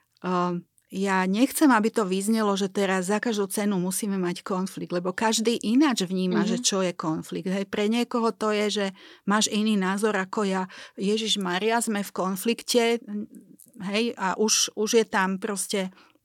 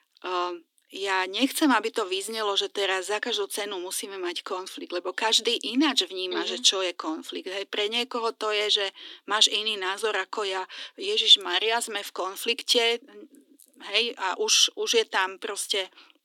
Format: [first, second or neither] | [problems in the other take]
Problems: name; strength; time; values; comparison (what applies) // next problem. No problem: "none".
first | thin; somewhat; fading below 250 Hz